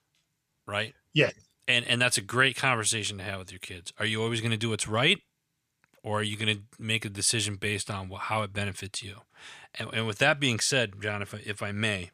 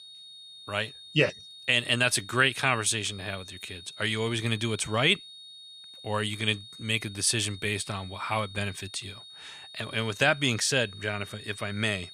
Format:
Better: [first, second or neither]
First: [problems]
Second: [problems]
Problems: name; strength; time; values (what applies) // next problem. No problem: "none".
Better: first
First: none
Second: high-pitched whine; noticeable; throughout; 3.5 kHz, 15 dB below the speech